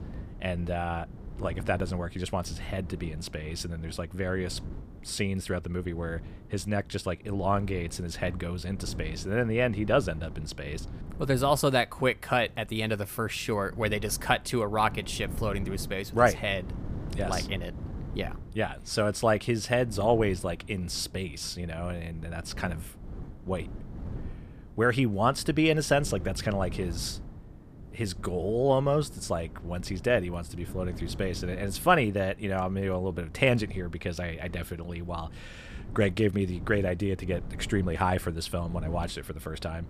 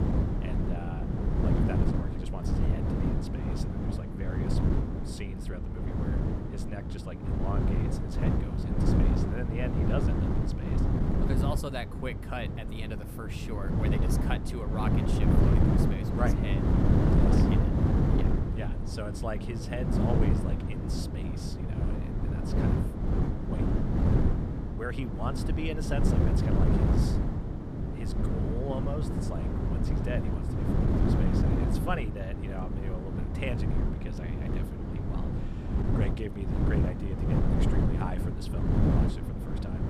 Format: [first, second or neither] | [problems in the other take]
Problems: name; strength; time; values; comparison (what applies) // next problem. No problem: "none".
first | wind noise on the microphone; heavy; 4 dB above the speech; occasional gusts in the first